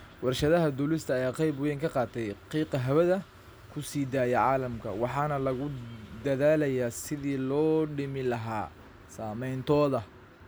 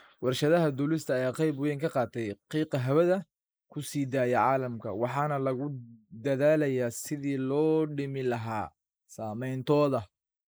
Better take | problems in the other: first | noise reduction (neural mask model Resemble Enhance denoiser)

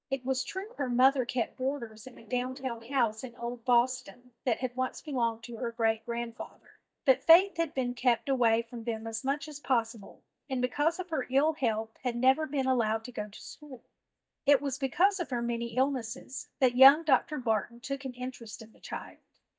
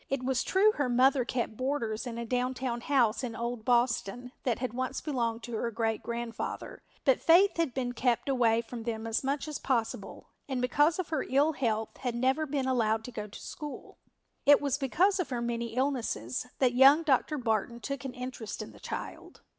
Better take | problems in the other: second | noise reduction (neural mask model DeepFilterNet 3)

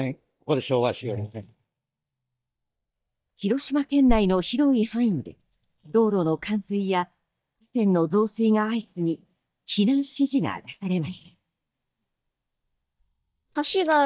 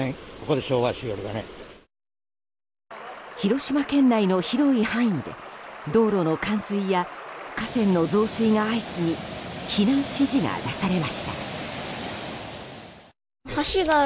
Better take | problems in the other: second | noise reduction (neural mask model DeepFilterNet 3)

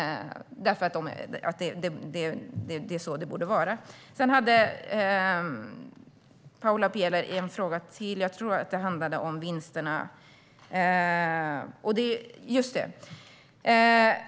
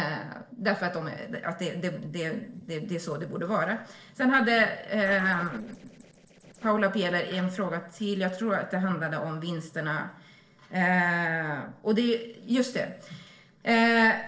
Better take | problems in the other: first | noise reduction (neural separator model SepFormer DNS4)

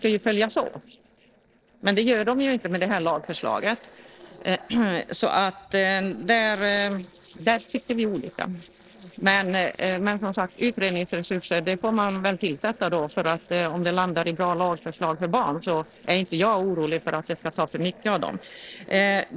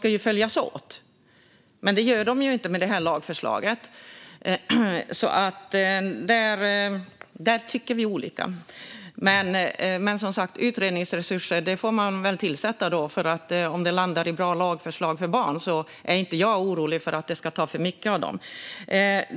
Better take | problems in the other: second | noise reduction (neural separator model SepFormer DNS4)

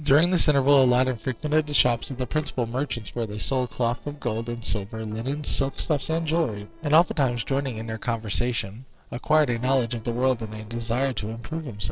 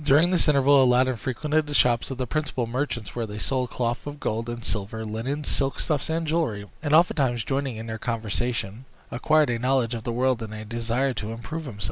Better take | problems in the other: second | noise reduction (neural separator model SepFormer DNS4)

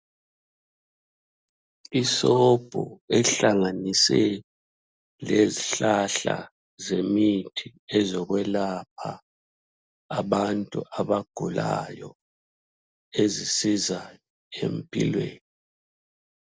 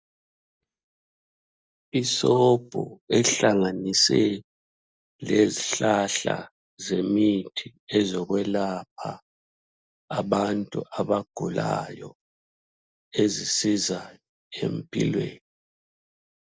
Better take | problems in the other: first | noise reduction (neural mask model DeepFilterNet 3)

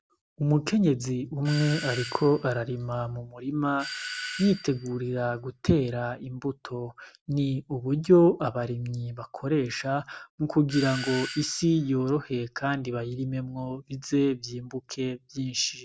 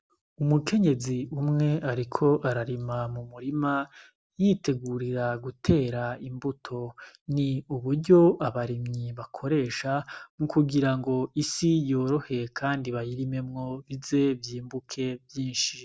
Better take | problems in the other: second | background sound (Doorbell); 12 dB below the speech

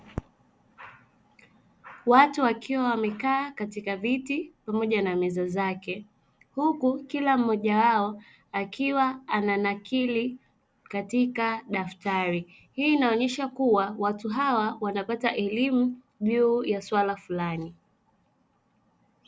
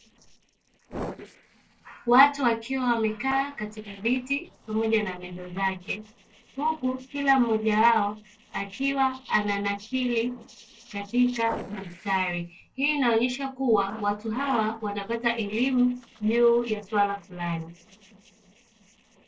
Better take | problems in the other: first | noise reduction (neural separator model SepFormer DNS4)

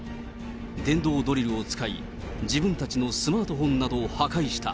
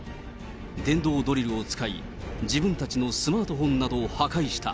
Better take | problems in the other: second | background sound (Brass instrument); 14 dB below the speech

